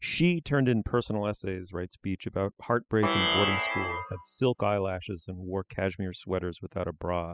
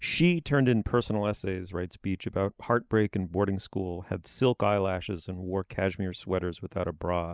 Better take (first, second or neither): second